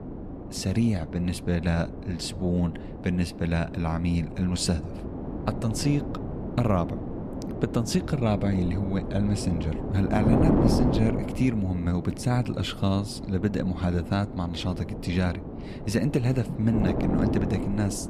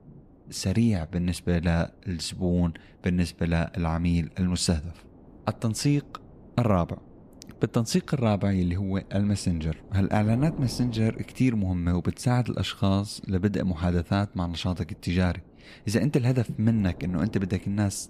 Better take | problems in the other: second | wind noise on the microphone; heavy; 4 dB below the speech; occasional gusts in the second

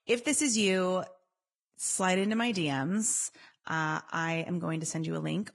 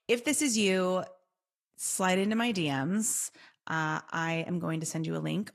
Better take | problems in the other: second | garbled, watery; badly; nothing above 10.5 kHz; slightly in the second

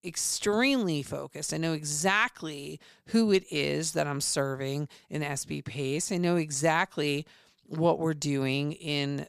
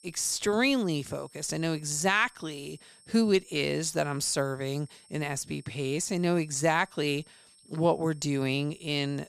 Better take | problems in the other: first | high-pitched whine; faint; throughout; 8.5 kHz, 25 dB below the speech

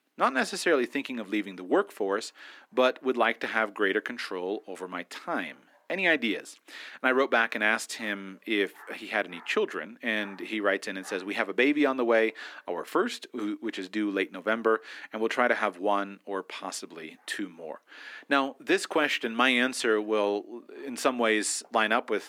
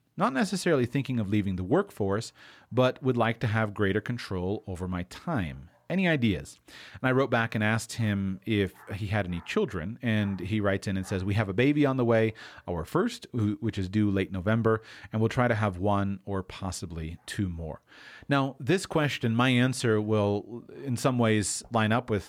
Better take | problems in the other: second | thin; somewhat; fading below 250 Hz

